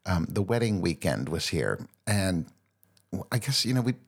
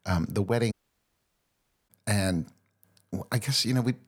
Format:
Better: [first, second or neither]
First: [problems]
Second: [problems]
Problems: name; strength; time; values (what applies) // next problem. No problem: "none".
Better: first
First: none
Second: audio cutting out; at 0.5 s for 1 s